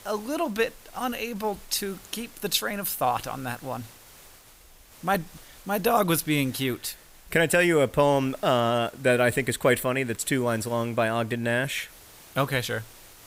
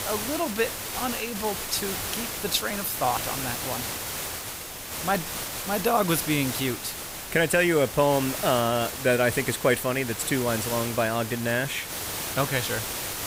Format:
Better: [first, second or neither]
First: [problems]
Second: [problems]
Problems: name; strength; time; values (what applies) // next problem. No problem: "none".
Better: first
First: hiss; faint; throughout; 25 dB below the speech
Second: hiss; loud; throughout; 5 dB below the speech